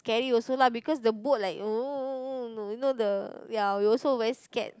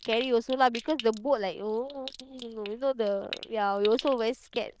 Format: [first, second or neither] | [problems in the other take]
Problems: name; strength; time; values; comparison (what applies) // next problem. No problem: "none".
first | noise reduction (neural diffusion model UNIVERSE++)